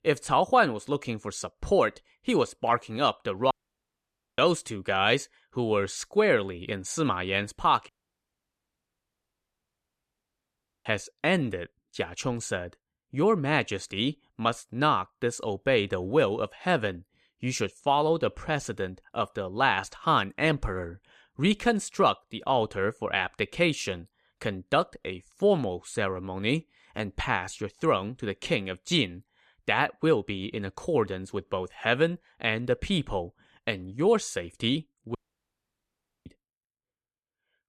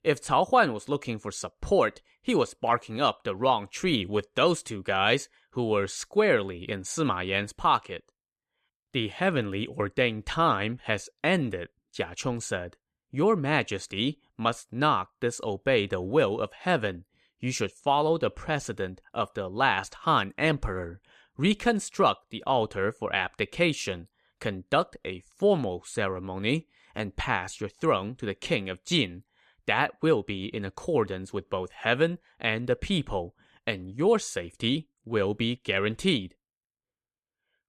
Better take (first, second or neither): second